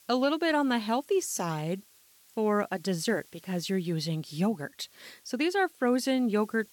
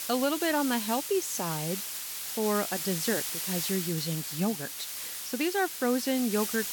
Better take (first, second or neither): first